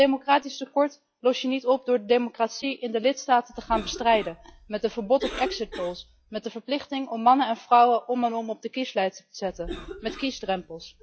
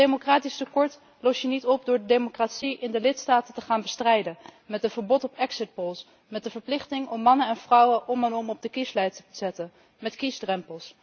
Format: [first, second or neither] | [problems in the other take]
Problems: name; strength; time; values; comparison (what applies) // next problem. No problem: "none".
second | noise reduction (classical method log-MMSE)